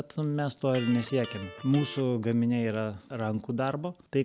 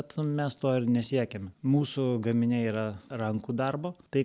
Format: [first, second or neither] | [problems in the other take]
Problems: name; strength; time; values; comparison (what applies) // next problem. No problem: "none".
second | background sound (Electric guitar); 16 dB below the speech